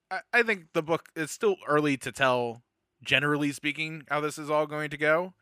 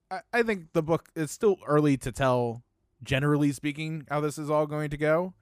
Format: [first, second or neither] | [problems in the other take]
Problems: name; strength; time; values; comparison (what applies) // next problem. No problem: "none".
second | thin; very slightly; fading below 300 Hz